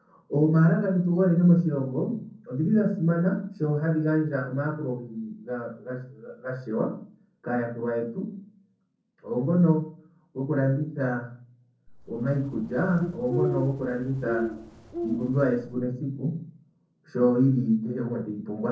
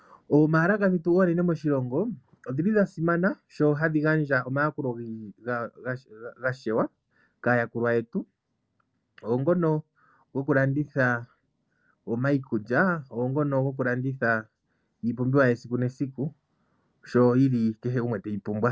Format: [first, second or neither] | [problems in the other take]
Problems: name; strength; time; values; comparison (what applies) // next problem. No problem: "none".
second | noise reduction (neural separator model SepFormer DNS4)